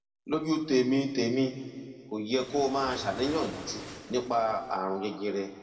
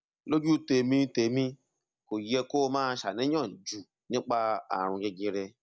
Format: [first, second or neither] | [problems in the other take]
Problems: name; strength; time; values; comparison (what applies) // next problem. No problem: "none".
second | background sound (Waves, surf); 14 dB below the speech // room echo; dies away in 1.9 s